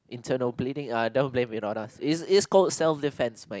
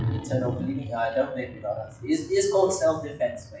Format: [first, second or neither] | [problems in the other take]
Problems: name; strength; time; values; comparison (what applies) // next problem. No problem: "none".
first | noise reduction (classical method WPE with log-MMSE)